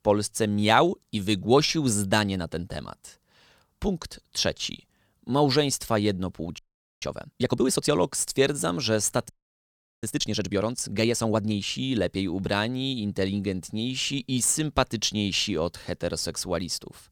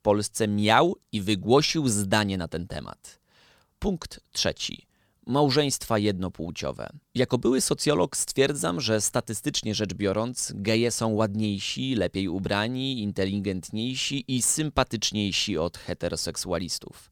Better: second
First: audio freezing; at 6.5 s and at 9.5 s for 0.5 s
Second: none

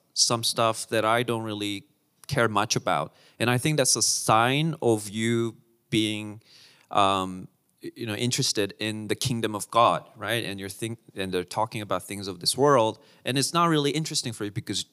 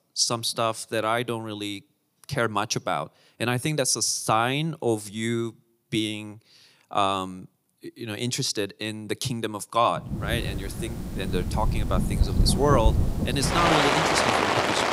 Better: first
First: none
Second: rain or running water; very loud; from 10 s on; 2 dB above the speech

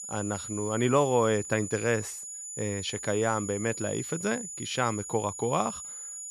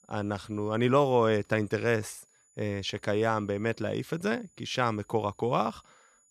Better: second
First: high-pitched whine; loud; throughout; 7 kHz, 8 dB below the speech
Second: high-pitched whine; faint; throughout; 7 kHz, 35 dB below the speech

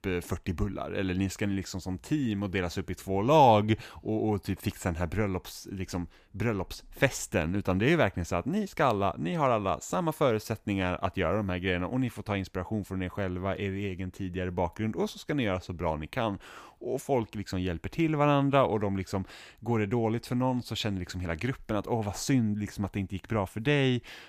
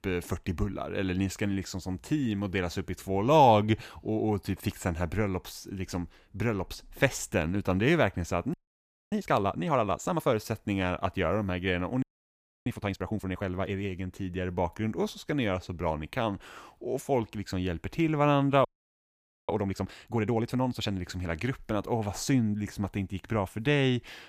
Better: first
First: none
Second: audio freezing; at 8.5 s for 0.5 s, at 12 s for 0.5 s and at 19 s for 1 s

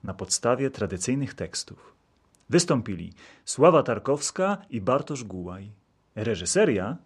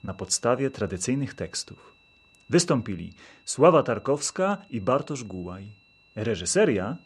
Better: first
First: none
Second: high-pitched whine; faint; throughout; 2.5 kHz, 30 dB below the speech

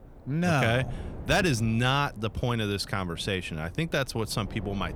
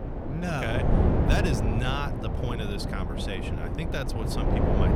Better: first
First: wind noise on the microphone; occasional gusts; 20 dB below the speech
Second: wind noise on the microphone; heavy; as loud as the speech

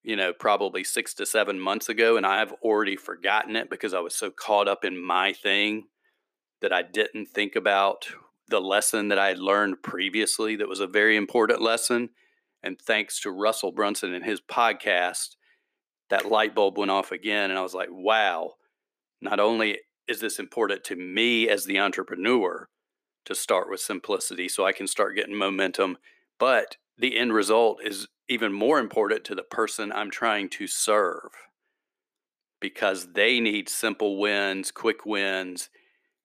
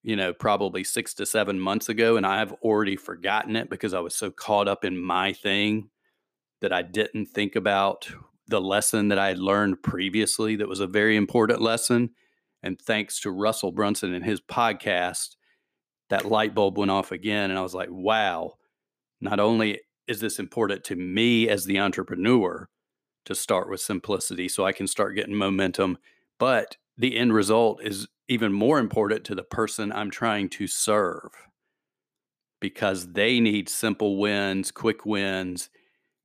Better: second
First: thin; somewhat; fading below 400 Hz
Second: none

